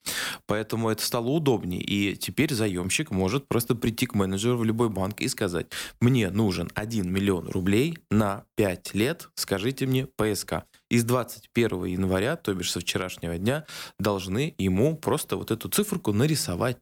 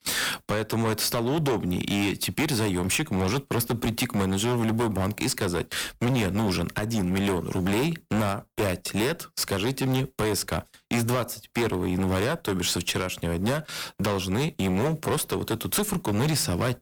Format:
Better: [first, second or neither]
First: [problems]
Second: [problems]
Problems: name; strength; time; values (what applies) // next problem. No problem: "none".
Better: first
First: none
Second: distortion; heavy; 21% of the sound clipped